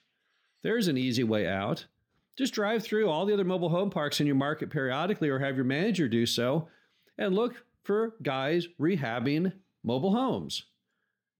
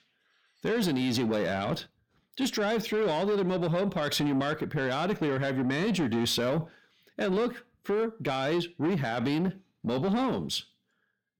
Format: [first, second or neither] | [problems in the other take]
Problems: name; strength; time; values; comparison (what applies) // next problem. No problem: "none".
first | distortion; slight; 10 dB below the speech